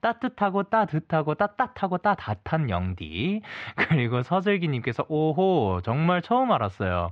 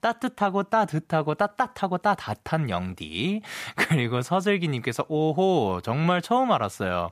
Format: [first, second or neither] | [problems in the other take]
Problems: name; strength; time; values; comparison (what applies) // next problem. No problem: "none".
second | muffled; slightly; fading above 3.5 kHz